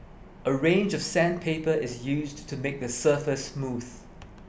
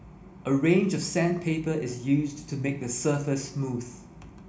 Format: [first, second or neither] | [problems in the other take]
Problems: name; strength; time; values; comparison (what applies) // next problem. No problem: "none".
first | room echo; dies away in 0.4 s